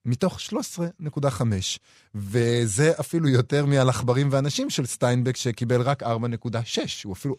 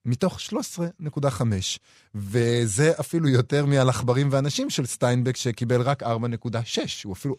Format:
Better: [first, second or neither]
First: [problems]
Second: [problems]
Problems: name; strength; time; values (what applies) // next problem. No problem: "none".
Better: neither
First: none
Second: none